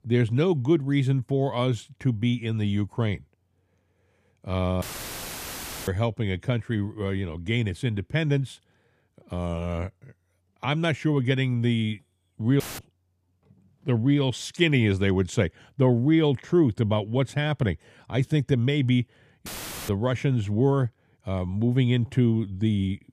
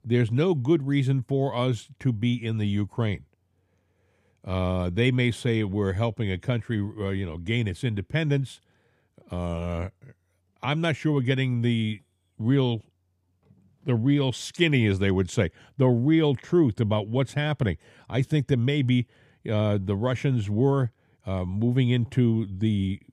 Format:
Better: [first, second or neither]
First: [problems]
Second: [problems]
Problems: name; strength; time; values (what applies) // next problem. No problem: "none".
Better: second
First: audio cutting out; filled with static; at 5 s for 1 s, at 13 s and at 19 s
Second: none